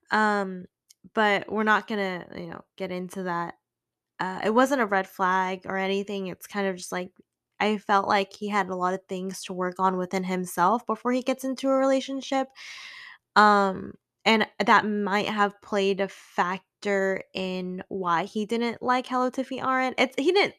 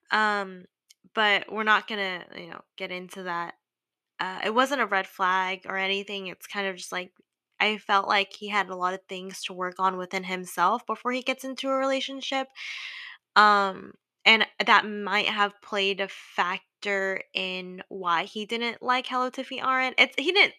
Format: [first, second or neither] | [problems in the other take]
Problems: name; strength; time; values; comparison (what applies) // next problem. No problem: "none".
first | thin; very slightly; fading below 250 Hz